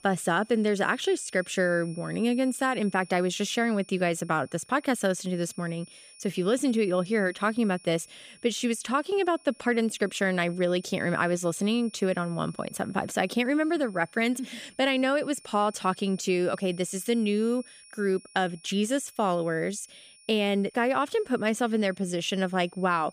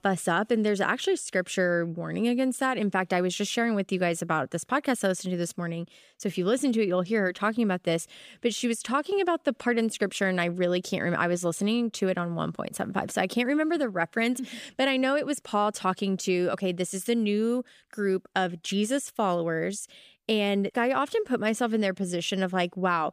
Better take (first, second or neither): second